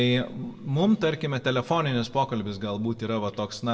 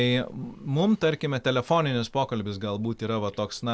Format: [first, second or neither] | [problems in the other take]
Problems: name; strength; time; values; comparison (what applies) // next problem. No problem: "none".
second | room echo; dies away in 1.5 s